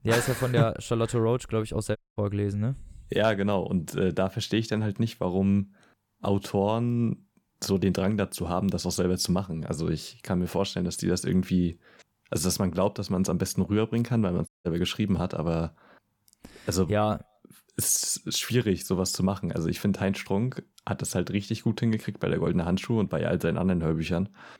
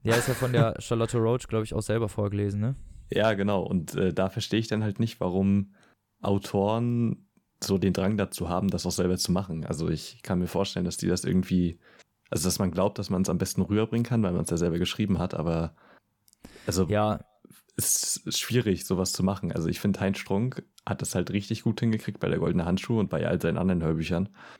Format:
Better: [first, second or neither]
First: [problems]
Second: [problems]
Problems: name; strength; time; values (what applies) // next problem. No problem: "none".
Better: second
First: audio cutting out; at 2 s and at 14 s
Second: none